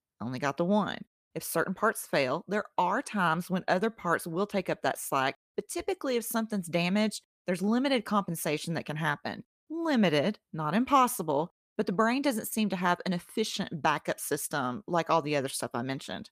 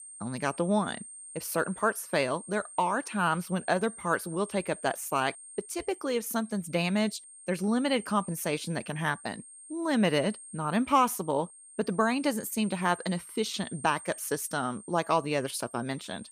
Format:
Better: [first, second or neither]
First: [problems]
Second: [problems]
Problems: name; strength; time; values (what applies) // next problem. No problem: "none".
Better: first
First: none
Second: high-pitched whine; noticeable; throughout; 8.5 kHz, 15 dB below the speech